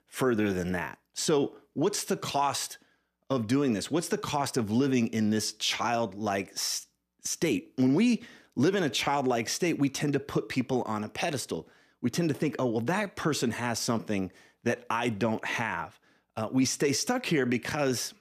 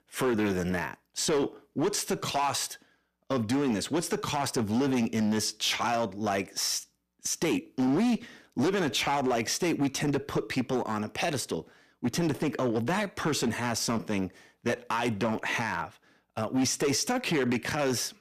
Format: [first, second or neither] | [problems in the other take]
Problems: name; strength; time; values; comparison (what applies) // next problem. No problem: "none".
first | distortion; slight; 9% of the sound clipped